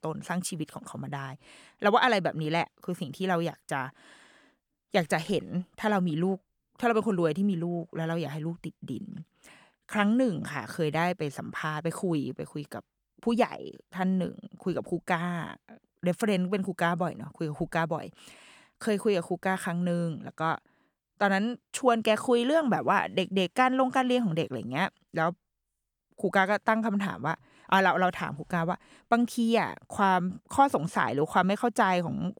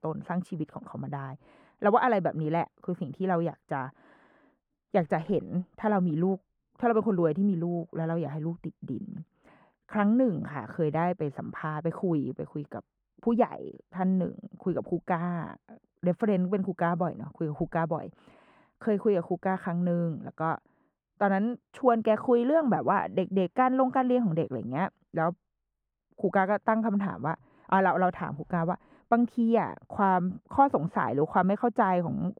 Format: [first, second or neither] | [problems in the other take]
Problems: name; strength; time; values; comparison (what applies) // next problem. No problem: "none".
first | muffled; very; fading above 2.5 kHz